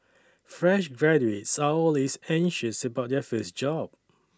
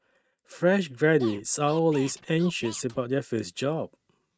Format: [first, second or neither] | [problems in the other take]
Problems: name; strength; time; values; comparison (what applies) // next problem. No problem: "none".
first | noise reduction (neural mask model RNNoise)